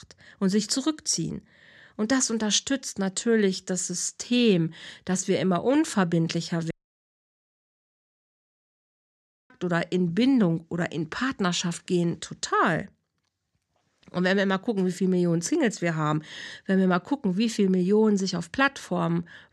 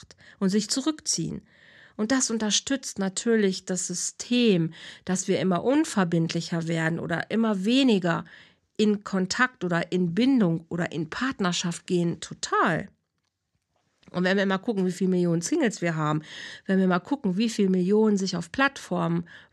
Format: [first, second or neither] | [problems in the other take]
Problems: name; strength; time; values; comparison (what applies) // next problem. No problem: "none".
second | audio cutting out; at 6.5 s for 3 s